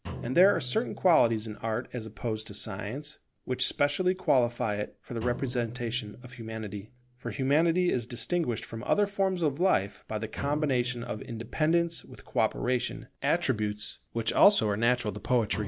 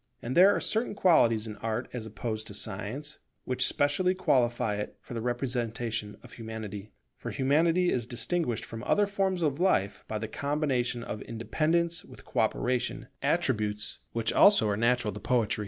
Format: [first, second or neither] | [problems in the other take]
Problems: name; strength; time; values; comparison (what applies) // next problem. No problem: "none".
second | background sound (Drum); 17 dB below the speech